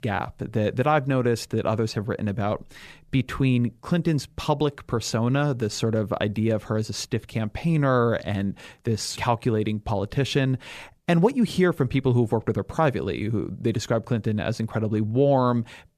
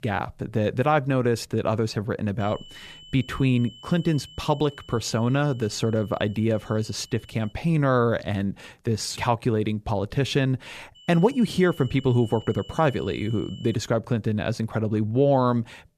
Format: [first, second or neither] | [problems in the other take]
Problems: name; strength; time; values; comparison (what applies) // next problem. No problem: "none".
first | high-pitched whine; faint; from 2.5 to 7.5 s and from 11 to 14 s; 3 kHz, 20 dB below the speech